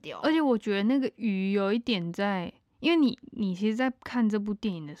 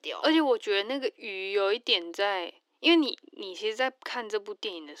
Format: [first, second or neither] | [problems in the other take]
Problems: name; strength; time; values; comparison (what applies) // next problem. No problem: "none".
first | thin; very; fading below 300 Hz